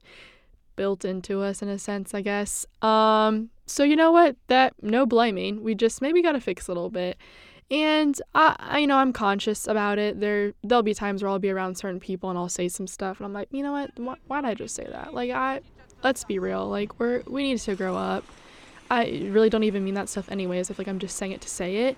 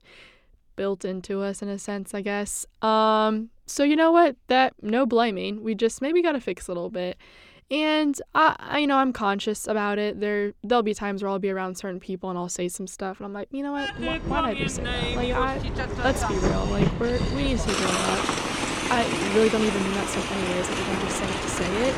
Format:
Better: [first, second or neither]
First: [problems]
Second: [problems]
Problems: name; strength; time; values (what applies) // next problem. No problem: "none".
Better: first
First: train or aircraft noise; faint; from 14 s on; 25 dB below the speech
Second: train or aircraft noise; loud; from 14 s on; 2 dB below the speech